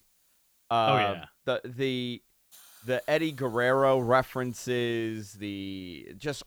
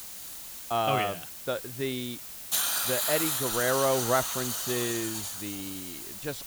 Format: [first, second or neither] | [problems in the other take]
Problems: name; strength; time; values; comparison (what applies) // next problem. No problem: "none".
first | hiss; loud; throughout; as loud as the speech; faint in the first